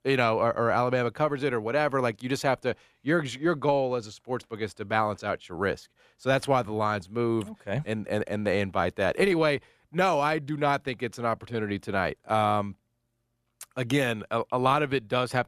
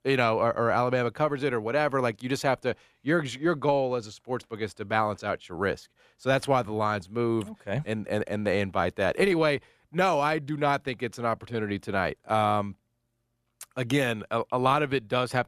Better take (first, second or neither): neither